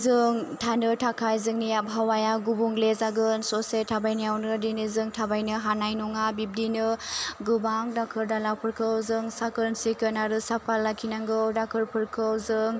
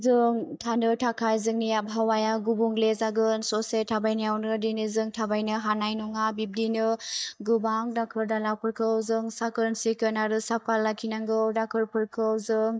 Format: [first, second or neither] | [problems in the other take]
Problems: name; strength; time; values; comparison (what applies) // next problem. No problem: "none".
first | noise reduction (neural mask model DeepFilterNet 3)